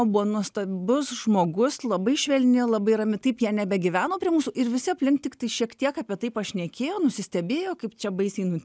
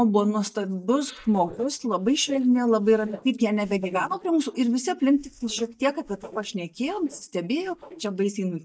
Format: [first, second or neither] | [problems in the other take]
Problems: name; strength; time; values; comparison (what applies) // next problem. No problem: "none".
first | noise reduction (neural mask model DeepFilterNet 3)